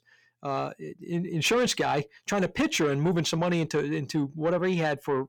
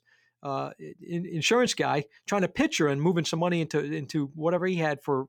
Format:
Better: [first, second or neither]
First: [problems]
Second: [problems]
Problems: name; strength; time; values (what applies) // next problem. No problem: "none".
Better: second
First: distortion; slight; 10 dB below the speech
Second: none